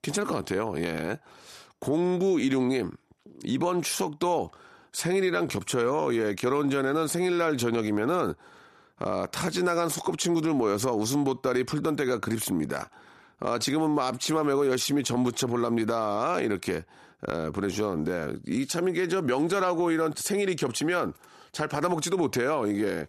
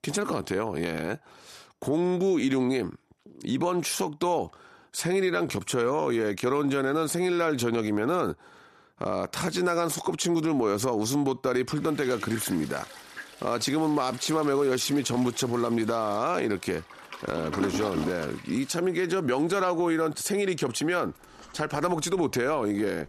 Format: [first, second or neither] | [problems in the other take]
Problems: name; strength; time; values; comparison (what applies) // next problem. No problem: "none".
first | household noises; noticeable; from 12 s on; 15 dB below the speech